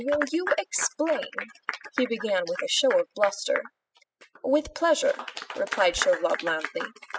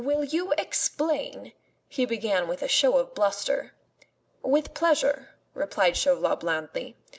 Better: second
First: noise reduction (classical method spectral subtraction)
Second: none

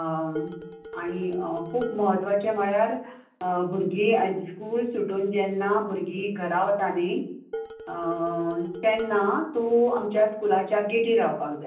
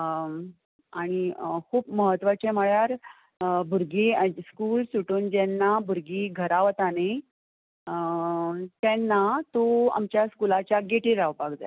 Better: second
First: background sound (Dishes, pots, and pans); 14 dB below the speech // room echo; dies away in 0.6 s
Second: none

